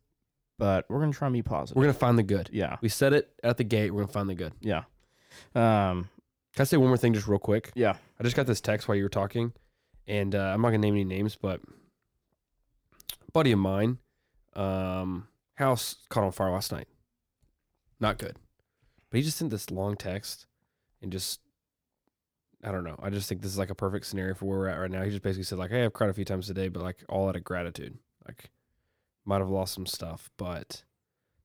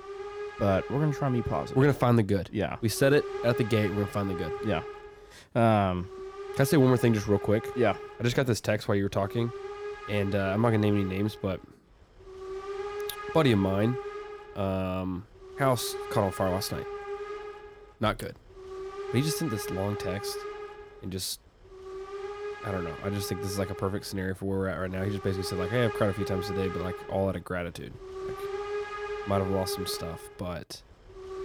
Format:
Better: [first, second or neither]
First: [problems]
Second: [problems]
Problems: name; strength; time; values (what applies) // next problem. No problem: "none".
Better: first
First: none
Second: hiss; loud; throughout; 9 dB below the speech